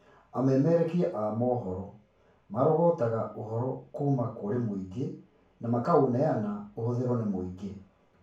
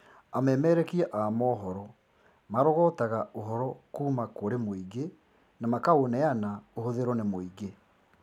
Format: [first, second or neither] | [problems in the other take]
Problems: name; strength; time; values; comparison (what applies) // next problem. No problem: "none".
second | room echo; dies away in 0.3 s